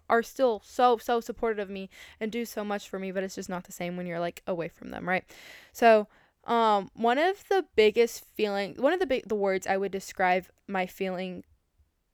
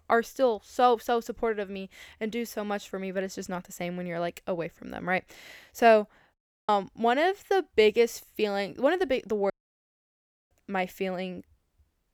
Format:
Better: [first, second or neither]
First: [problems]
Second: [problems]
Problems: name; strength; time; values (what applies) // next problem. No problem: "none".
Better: first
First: none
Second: audio cutting out; at 6.5 s and at 9.5 s for 1 s